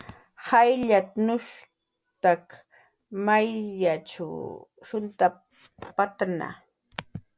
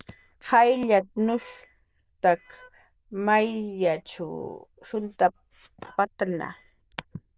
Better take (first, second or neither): first